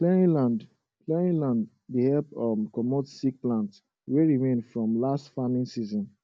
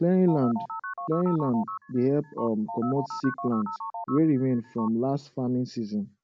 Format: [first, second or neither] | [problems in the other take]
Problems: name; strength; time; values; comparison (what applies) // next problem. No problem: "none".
first | background sound (Telephone); 10 dB below the speech